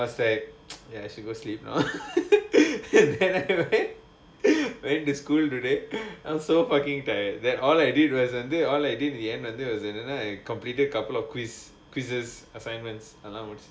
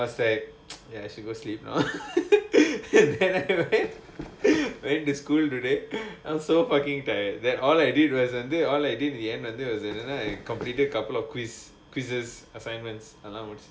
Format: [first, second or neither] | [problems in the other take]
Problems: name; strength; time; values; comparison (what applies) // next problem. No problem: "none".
first | background sound (Run); 14 dB below the speech